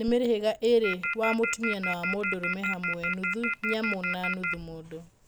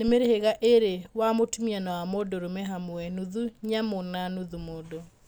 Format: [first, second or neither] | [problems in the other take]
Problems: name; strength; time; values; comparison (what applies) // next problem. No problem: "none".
second | background sound (Telephone); 2 dB below the speech